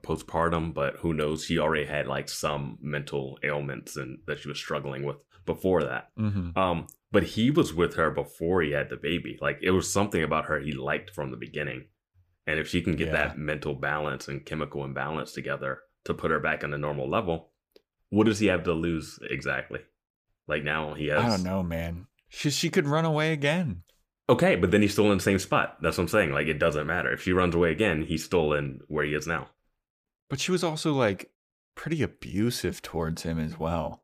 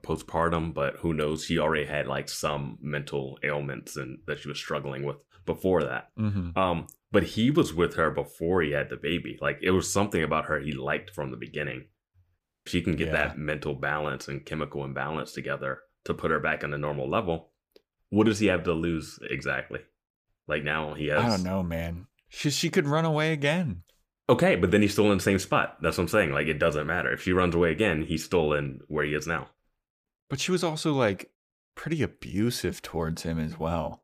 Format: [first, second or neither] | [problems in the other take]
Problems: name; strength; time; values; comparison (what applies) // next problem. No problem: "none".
first | audio cutting out; at 12 s